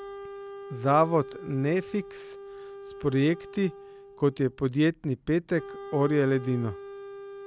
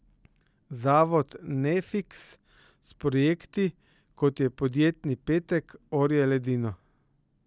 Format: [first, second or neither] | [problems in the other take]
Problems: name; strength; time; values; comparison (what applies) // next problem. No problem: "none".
second | background sound (Wind instrument, woodwind instrument); 14 dB below the speech